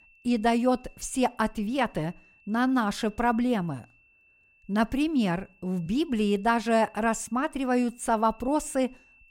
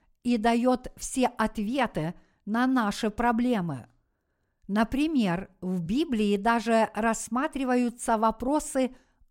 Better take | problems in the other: second | high-pitched whine; faint; throughout; 2.5 kHz, 30 dB below the speech

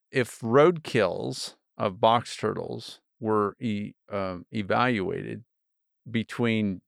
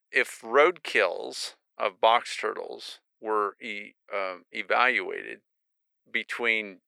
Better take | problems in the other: first | thin; very; fading below 400 Hz

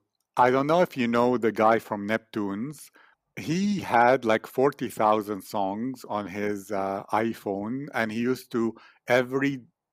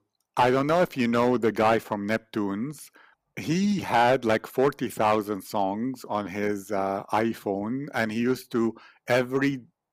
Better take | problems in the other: first | distortion; slight; 3% of the sound clipped

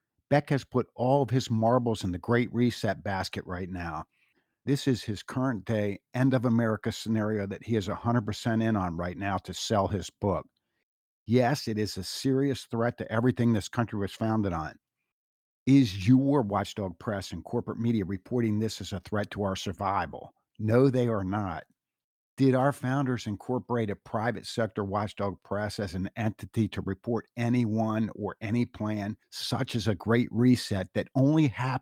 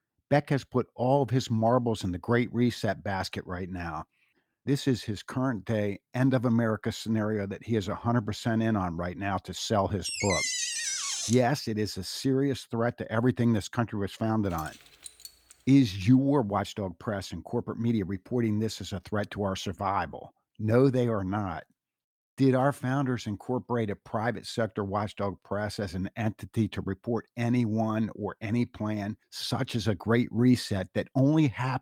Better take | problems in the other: first | door banging; loud; from 10 to 11 s; peak 1 dB above the speech // jangling keys; faint; from 15 to 16 s; peak 15 dB below the speech

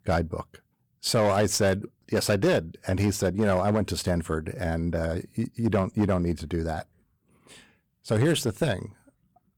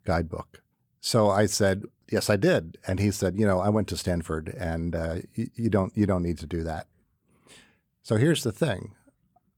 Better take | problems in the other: second | distortion; slight; 7% of the sound clipped

